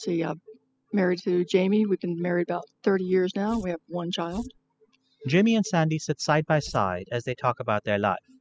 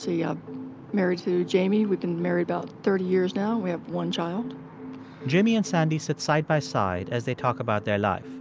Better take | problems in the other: second | noise reduction (classical method spectral subtraction)

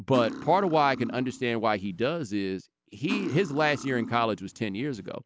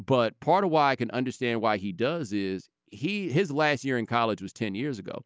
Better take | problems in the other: second | background sound (Cutlery, silverware); 11 dB below the speech

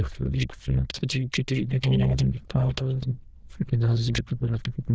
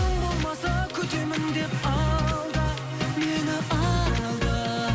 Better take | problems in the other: second | noise reduction (neural diffusion model UNIVERSE++)

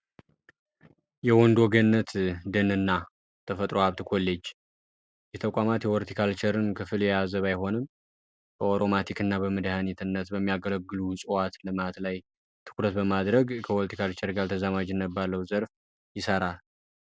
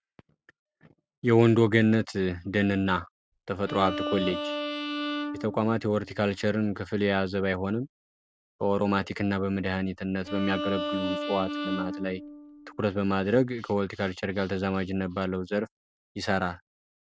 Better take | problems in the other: first | noise reduction (neural mask model RNNoise)

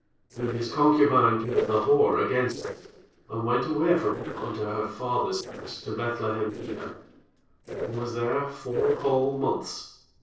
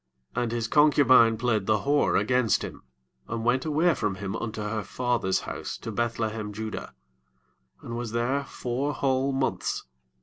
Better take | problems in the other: second | noise reduction (neural separator model SepFormer DNS4)

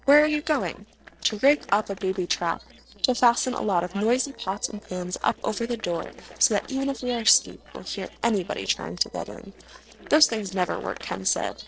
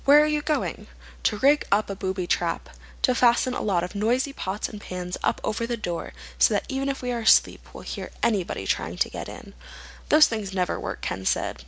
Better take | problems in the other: second | noise reduction (neural separator model SepFormer DNS4)

